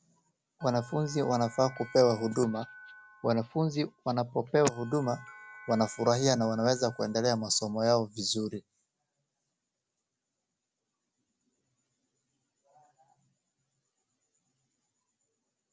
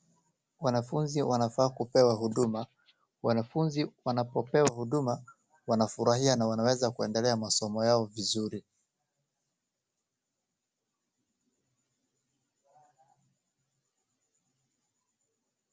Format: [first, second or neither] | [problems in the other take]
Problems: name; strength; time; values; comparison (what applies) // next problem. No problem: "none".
second | background sound (Bell); 20 dB below the speech